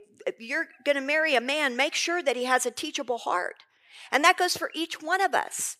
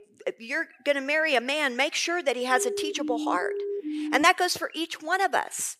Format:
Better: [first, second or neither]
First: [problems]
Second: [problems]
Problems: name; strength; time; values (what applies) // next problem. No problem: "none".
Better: first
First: none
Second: siren; noticeable; from 2.5 to 4.5 s; peak 6 dB below the speech